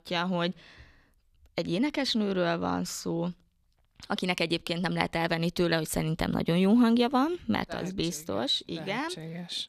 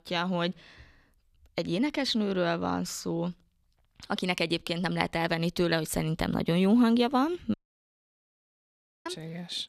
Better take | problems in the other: first | audio cutting out; at 7.5 s for 1.5 s

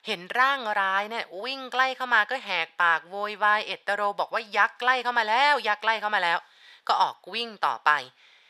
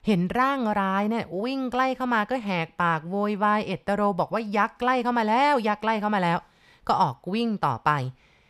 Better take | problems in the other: second | thin; very; fading below 600 Hz

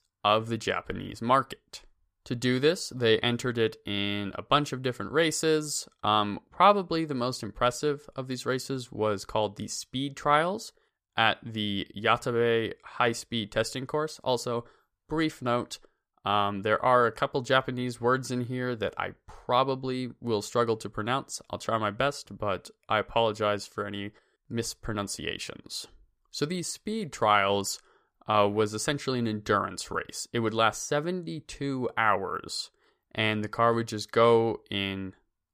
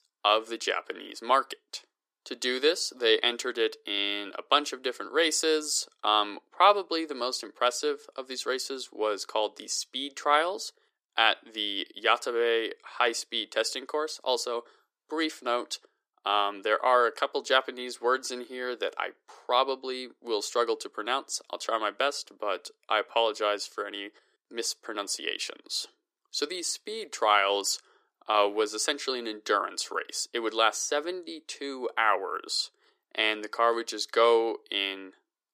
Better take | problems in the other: first | thin; somewhat; fading below 300 Hz

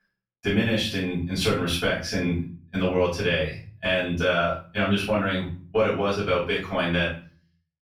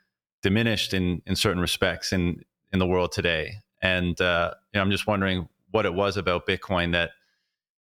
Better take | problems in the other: second | off-mic speech; far // room echo; noticeable; dies away in 0.4 s

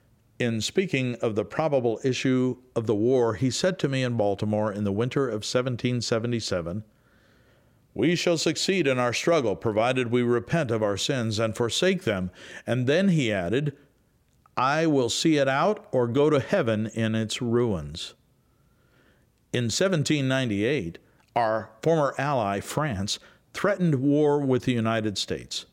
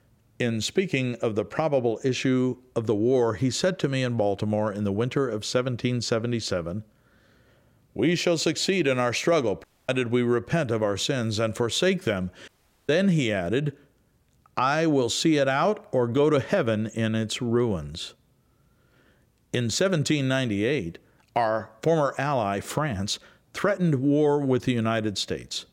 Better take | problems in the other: first | audio cutting out; at 9.5 s and at 12 s

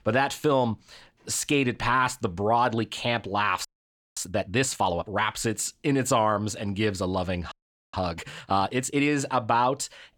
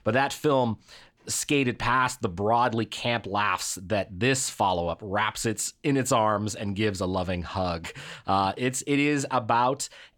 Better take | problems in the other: second | audio freezing; at 3.5 s for 0.5 s and at 7.5 s

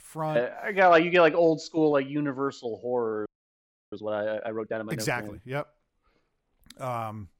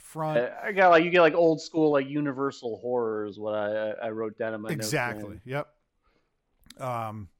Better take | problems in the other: second | audio freezing; at 3.5 s for 0.5 s

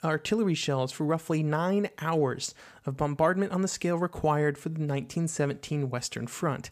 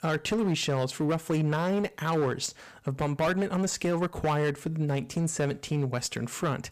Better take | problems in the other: first | distortion; slight; 12% of the sound clipped

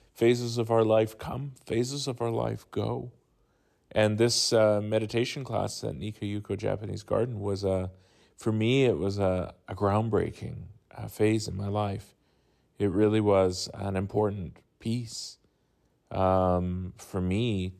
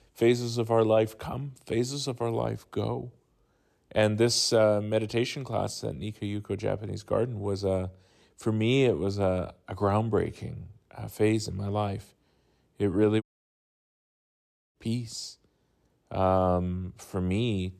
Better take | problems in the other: first | audio cutting out; at 13 s for 1.5 s

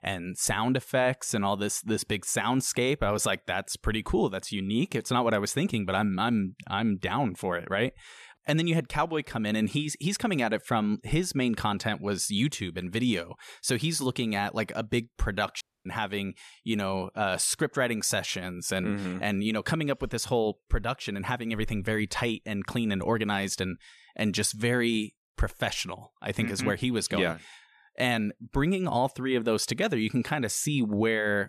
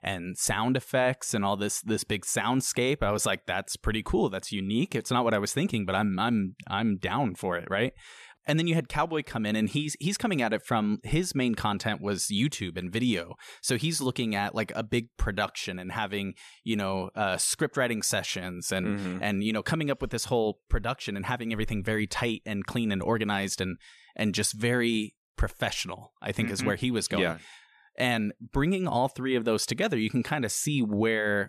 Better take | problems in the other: second | audio cutting out; at 16 s

